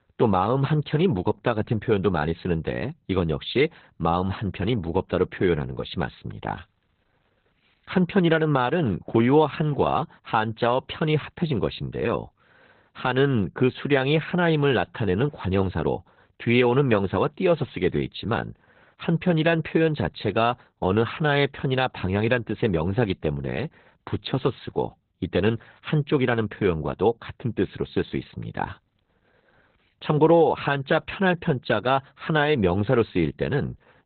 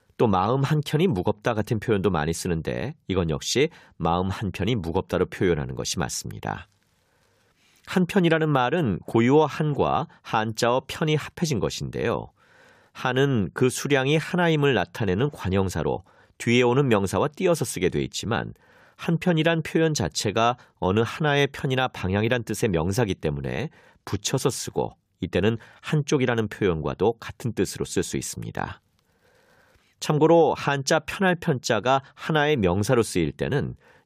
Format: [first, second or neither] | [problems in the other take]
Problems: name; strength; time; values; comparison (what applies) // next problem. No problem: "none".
second | garbled, watery; badly; nothing above 4 kHz